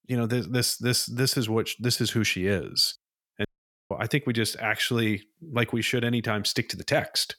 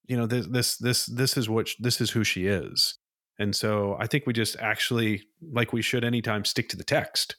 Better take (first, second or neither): second